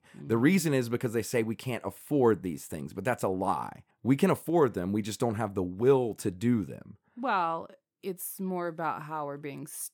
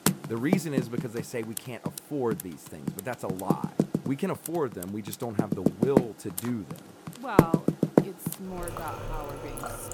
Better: first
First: none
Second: household noises; very loud; throughout; 4 dB above the speech

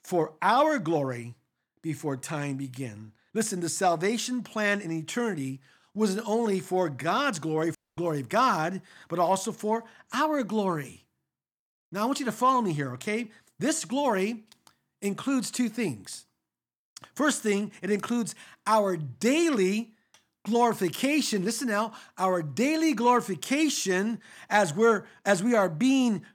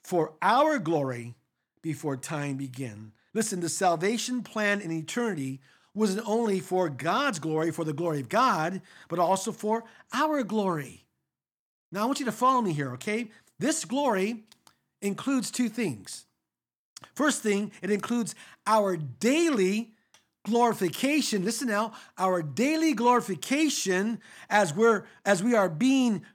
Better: second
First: audio cutting out; at 8 s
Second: none

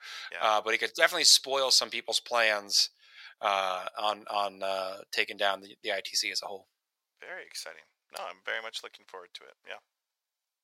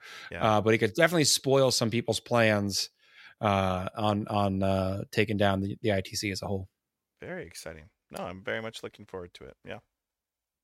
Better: second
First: thin; very; fading below 850 Hz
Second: none

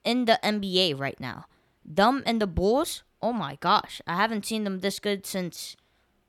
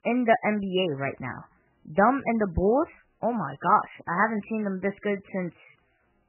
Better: first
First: none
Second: garbled, watery; badly; nothing above 3 kHz

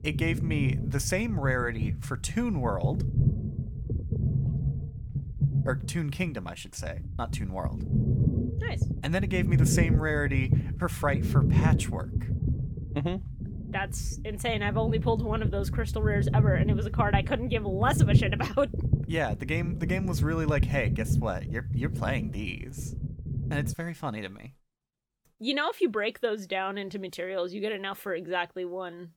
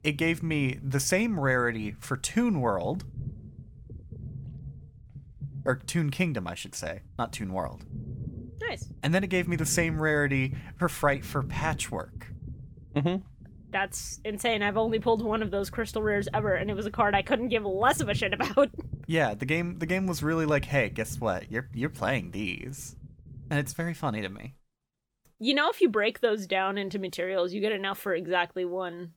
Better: second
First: low rumble; loud; until 24 s; 8 dB below the speech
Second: low rumble; faint; until 24 s; 25 dB below the speech

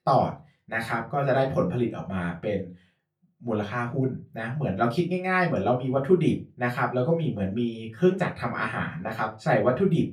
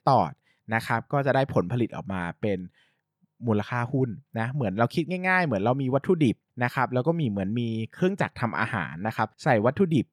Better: second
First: off-mic speech; far // room echo; very slight; dies away in 0.2 s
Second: none

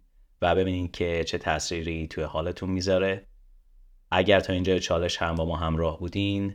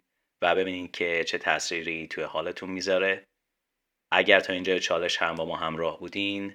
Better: first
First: none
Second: thin; somewhat; fading below 300 Hz

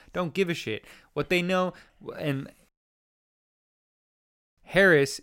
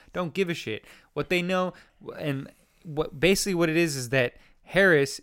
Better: second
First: audio cutting out; at 2.5 s for 2 s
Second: none

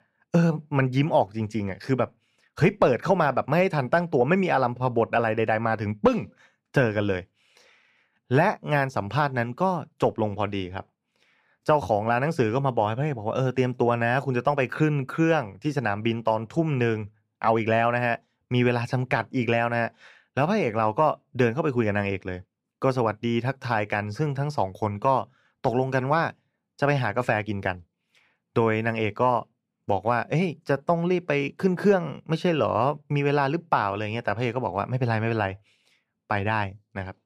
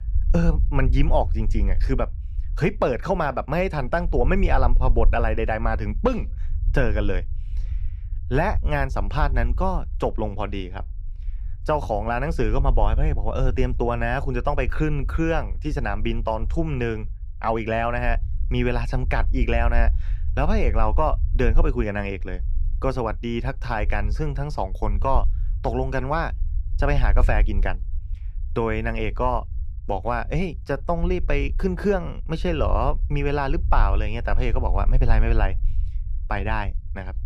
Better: first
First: none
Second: low rumble; faint; throughout; 25 dB below the speech

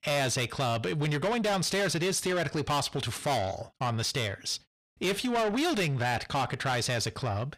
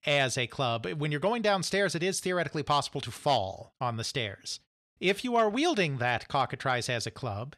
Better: second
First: distortion; heavy; 7 dB below the speech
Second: none

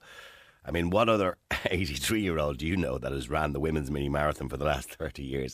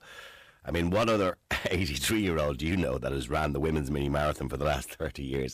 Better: first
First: none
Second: distortion; slight; 5% of the sound clipped

